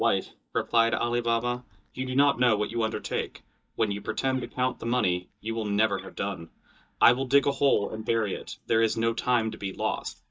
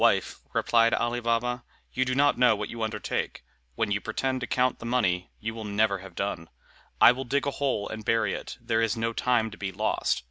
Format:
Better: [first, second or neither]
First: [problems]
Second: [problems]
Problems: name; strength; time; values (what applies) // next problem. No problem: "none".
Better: second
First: noise reduction (neural mask model DeepFilterNet 3)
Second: none